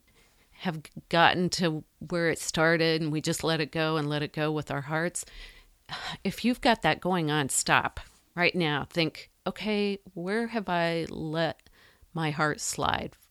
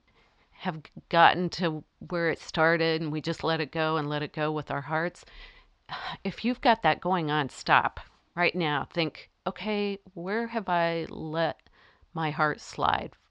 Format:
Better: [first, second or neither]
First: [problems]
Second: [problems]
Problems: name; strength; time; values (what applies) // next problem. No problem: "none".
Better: first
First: none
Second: muffled; slightly; fading above 5 kHz